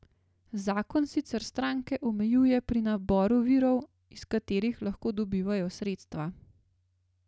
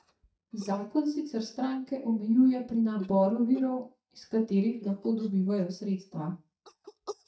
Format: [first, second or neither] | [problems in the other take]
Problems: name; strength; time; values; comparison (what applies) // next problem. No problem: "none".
first | noise reduction (neural mask model DeepFilterNet 3)